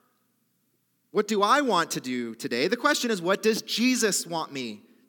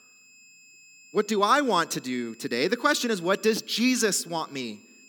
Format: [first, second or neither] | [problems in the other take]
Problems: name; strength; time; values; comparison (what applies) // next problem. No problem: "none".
first | high-pitched whine; faint; throughout; 2.5 kHz, 25 dB below the speech